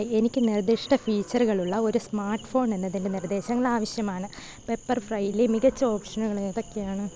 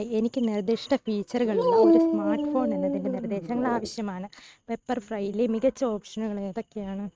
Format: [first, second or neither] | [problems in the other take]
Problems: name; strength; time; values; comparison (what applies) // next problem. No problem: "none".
first | noise reduction (neural mask model RNNoise)